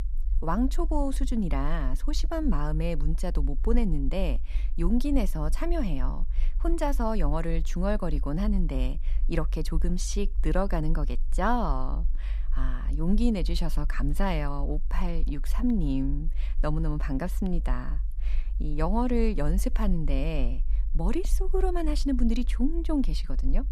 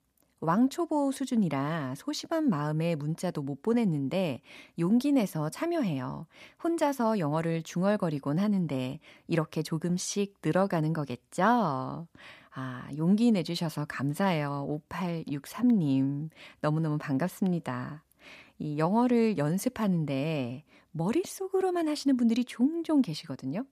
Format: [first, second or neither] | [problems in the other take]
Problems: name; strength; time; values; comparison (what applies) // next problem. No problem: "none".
second | low rumble; faint; throughout; 25 dB below the speech